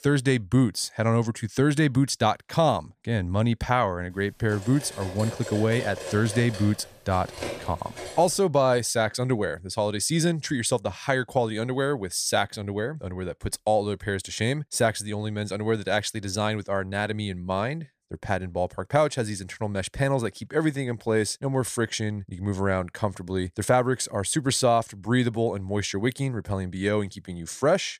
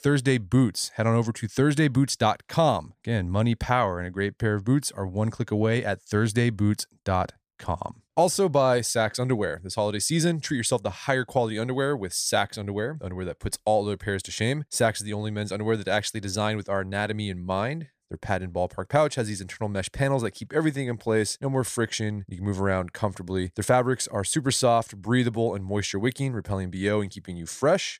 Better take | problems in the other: second | clattering dishes; noticeable; from 4.5 to 8.5 s; peak 8 dB below the speech

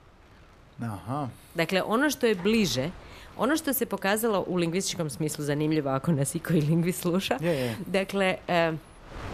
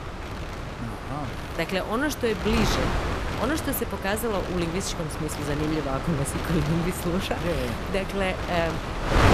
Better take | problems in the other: first | wind noise on the microphone; heavy; 2 dB below the speech; occasional gusts in the first

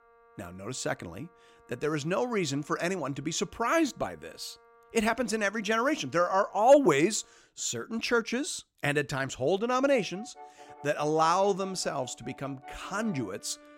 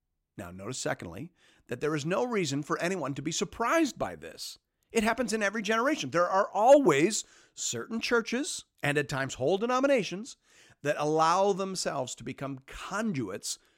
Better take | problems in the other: second | background music; faint; throughout; 25 dB below the speech

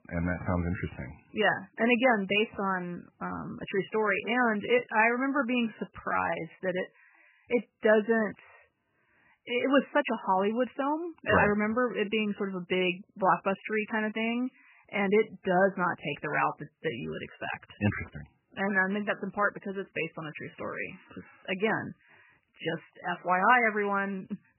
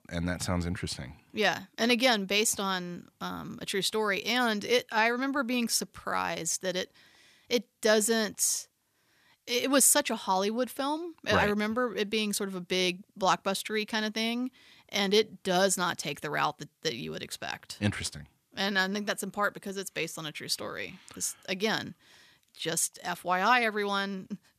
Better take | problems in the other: second | garbled, watery; badly; nothing above 3 kHz

